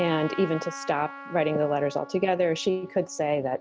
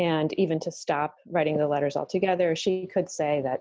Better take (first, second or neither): second